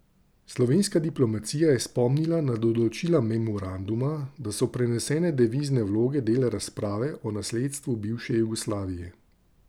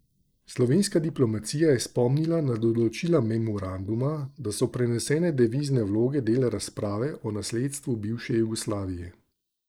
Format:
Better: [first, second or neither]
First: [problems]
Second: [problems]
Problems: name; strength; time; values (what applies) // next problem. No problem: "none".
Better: first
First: none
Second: noise reduction (neural mask model Resemble Enhance denoiser)